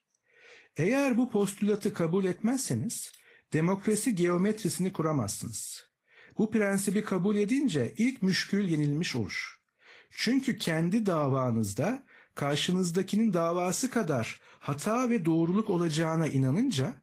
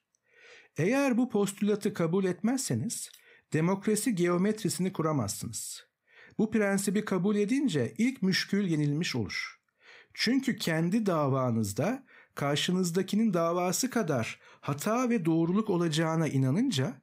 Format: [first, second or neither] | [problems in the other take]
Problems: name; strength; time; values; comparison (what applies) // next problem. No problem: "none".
second | garbled, watery; slightly; nothing above 15.5 kHz